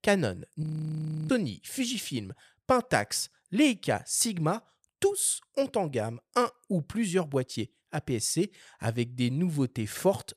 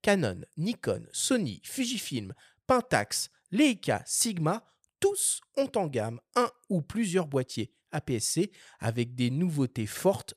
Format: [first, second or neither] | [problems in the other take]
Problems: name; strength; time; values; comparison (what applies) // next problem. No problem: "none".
second | audio freezing; at 0.5 s for 0.5 s